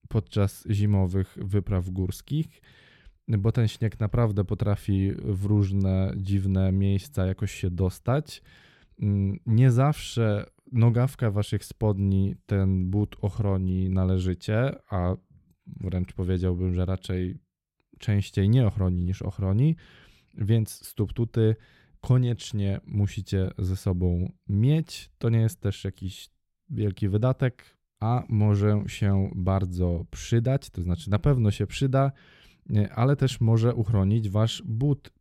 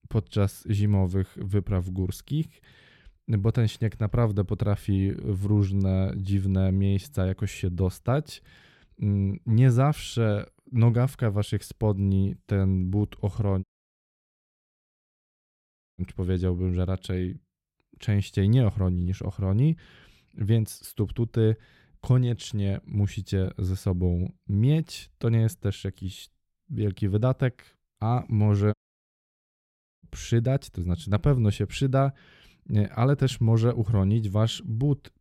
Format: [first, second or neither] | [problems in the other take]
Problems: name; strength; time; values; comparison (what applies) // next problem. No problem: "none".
first | audio cutting out; at 14 s for 2.5 s and at 29 s for 1.5 s